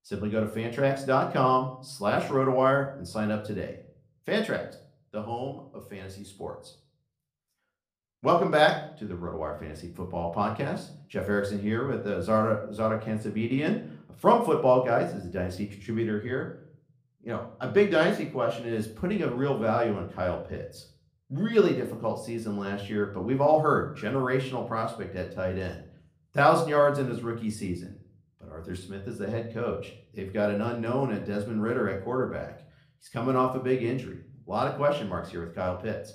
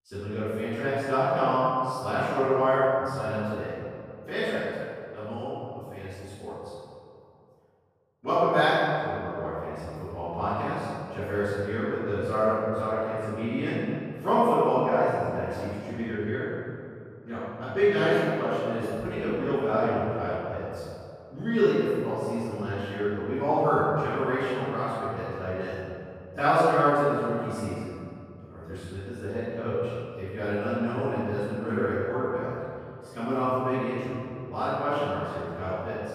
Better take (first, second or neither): first